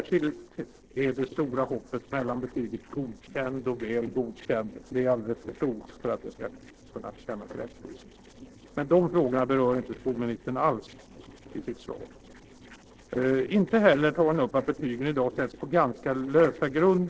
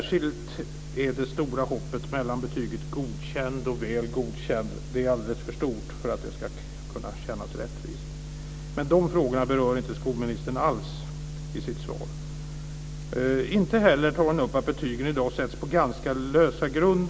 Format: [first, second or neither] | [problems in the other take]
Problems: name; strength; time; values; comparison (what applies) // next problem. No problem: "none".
second | noise reduction (neural separator model SepFormer DNS4)